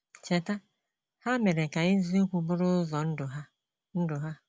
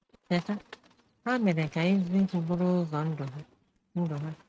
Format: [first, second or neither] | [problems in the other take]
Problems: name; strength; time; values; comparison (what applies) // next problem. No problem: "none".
first | noise reduction (neural mask model RNNoise)